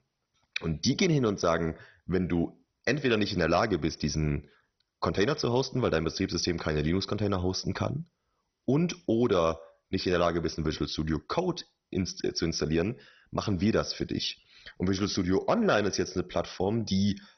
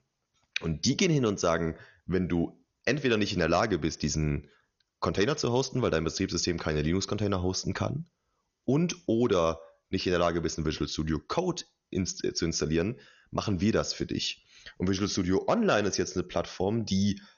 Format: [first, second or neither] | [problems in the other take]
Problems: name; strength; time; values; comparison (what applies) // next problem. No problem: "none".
second | garbled, watery; badly; nothing above 6 kHz; slightly in the second